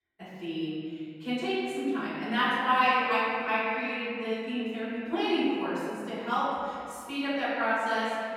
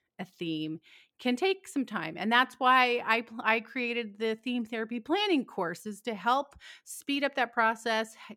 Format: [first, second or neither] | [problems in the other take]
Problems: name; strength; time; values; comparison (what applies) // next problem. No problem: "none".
second | room echo; strong; dies away in 2.4 s // off-mic speech; far